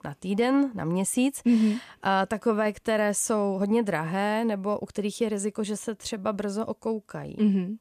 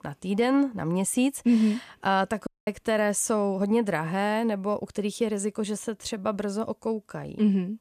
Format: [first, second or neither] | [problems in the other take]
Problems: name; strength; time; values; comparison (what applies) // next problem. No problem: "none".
first | audio cutting out; at 2.5 s